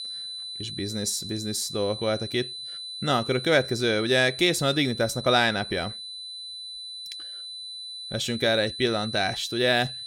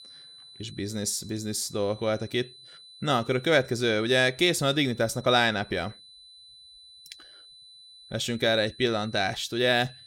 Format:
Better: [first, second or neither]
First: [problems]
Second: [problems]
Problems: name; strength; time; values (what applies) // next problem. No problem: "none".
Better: second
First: high-pitched whine; loud; throughout; 4 kHz, 9 dB below the speech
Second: high-pitched whine; faint; throughout; 4 kHz, 20 dB below the speech